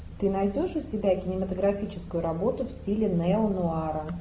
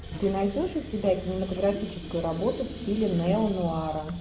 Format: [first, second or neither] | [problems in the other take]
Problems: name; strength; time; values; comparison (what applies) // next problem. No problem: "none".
first | background sound (Sink (filling or washing) / Water tap, faucet); 14 dB below the speech